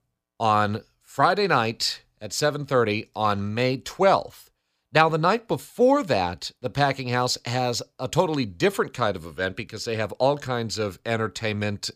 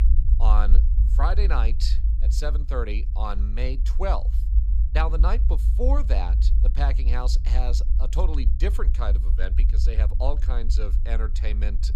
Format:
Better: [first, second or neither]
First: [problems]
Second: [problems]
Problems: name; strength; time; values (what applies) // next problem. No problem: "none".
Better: first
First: none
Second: low rumble; noticeable; throughout; 10 dB below the speech